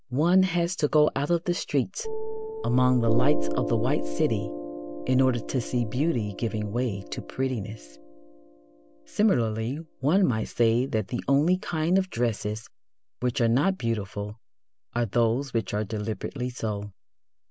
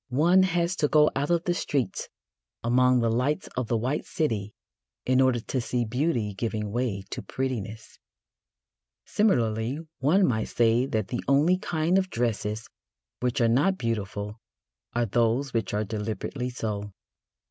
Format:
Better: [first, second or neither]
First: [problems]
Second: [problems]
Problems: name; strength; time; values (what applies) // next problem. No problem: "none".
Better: second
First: background sound (Piano); 5 dB below the speech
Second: none